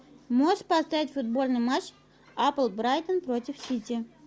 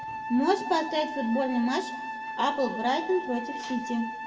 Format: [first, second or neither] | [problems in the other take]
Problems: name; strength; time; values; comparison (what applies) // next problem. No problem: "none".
first | background sound (Wind instrument, woodwind instrument); 7 dB below the speech // room echo; dies away in 1.1 s